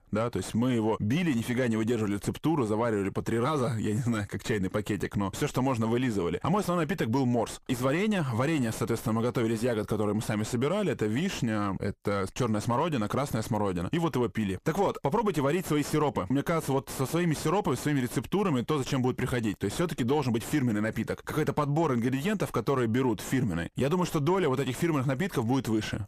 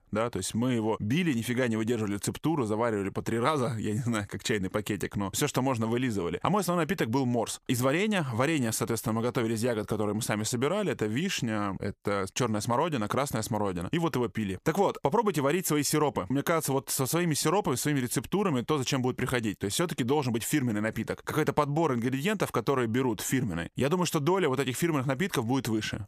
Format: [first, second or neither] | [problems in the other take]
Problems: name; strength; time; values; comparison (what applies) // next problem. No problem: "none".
second | distortion; slight; 9 dB below the speech